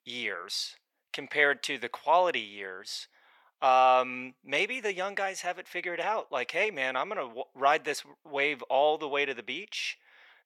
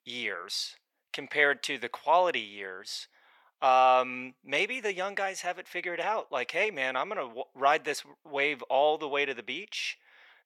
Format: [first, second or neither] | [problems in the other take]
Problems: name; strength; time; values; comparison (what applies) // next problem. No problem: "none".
neither | thin; very; fading below 700 Hz; the same in both